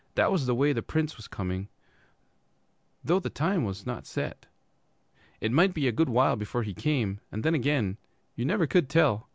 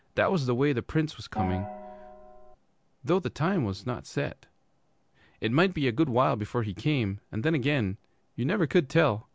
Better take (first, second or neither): first